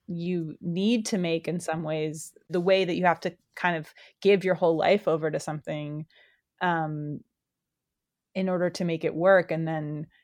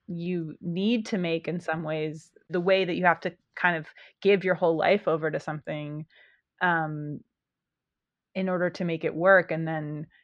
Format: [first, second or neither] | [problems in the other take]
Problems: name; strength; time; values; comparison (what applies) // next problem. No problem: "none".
first | muffled; very slightly; fading above 3.5 kHz